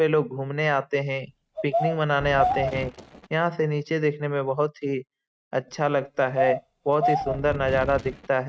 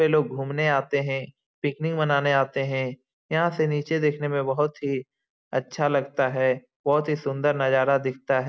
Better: second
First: noise reduction (neural mask model RNNoise)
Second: none

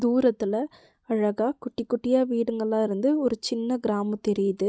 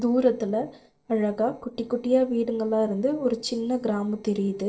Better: first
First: none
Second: noise reduction (neural separator model SepFormer DNS4)

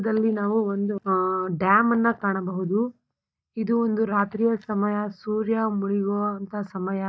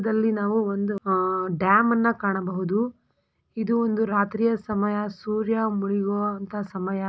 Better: second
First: noise reduction (neural mask model DeepFilterNet 3)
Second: none

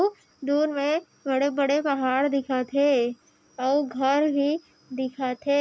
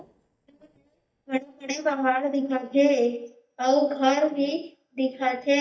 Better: first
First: none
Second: noise reduction (neural mask model DeepFilterNet 3)

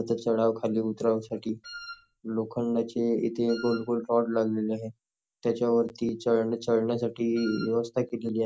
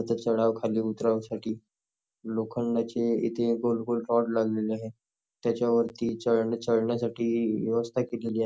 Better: second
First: background sound (Wind instrument, woodwind instrument); 16 dB below the speech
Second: none

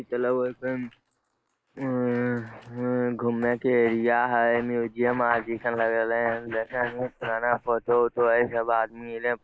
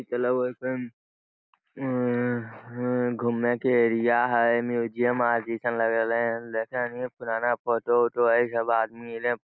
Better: second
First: noise reduction (neural mask model Resemble Enhance denoiser)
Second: none

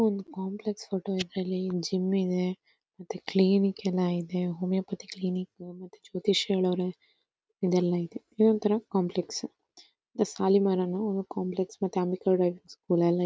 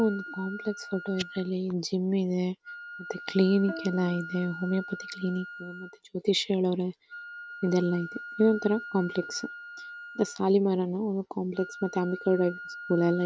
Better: first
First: none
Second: background sound (Bowed string instrument + Wind instrument, woodwind instrument); 14 dB below the speech

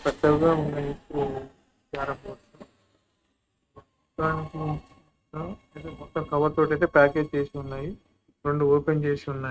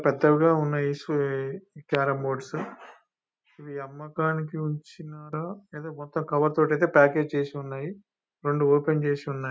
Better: second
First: noise reduction (neural mask model RNNoise)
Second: none

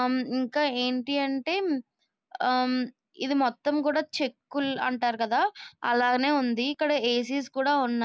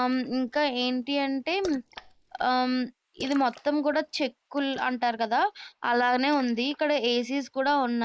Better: first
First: none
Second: noise reduction (neural mask model Resemble Enhance denoiser)

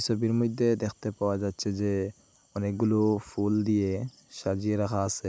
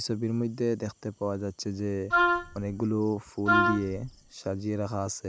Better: first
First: none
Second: background sound (Wind instrument, woodwind instrument); 3 dB above the speech

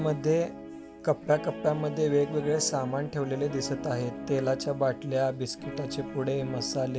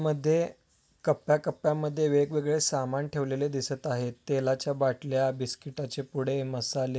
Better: second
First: background sound (Guitar); 10 dB below the speech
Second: none

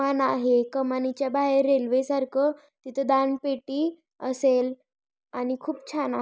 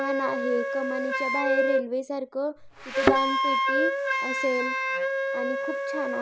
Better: first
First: none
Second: background sound (Wind instrument, woodwind instrument + Thump, thud); 4 dB above the speech

